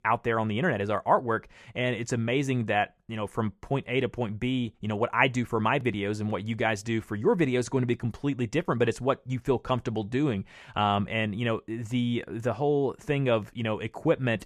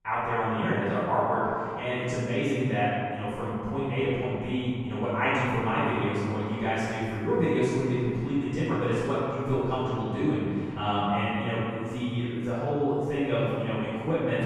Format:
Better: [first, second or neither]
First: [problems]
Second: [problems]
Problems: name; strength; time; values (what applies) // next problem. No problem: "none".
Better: first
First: none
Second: room echo; strong; dies away in 2.1 s // off-mic speech; far